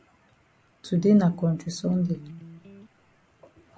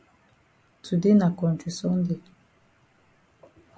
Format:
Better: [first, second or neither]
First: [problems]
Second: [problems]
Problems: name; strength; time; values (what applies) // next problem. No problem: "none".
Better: second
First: background sound (Electric guitar); 16 dB below the speech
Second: none